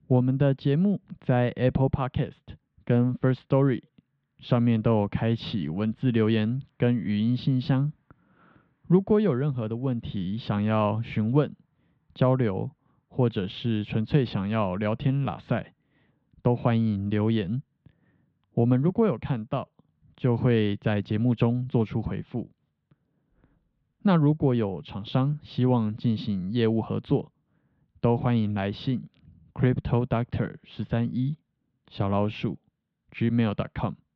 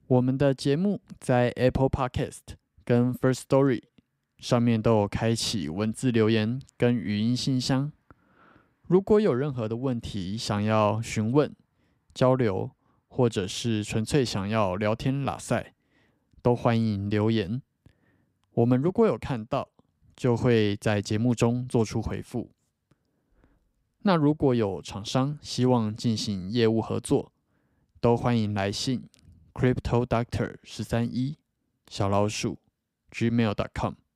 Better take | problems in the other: second | muffled; slightly; fading above 3.5 kHz

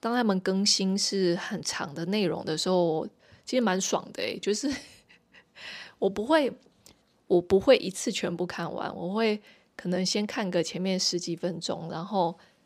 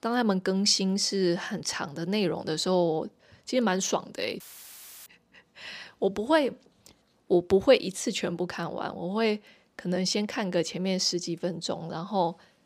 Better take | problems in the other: first | audio cutting out; filled with static; at 4.5 s for 0.5 s

